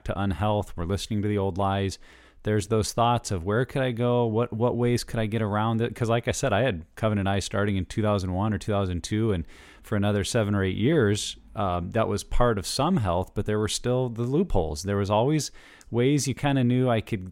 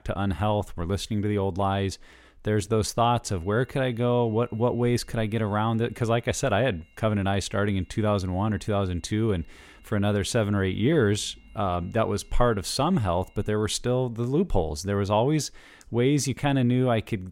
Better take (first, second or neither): first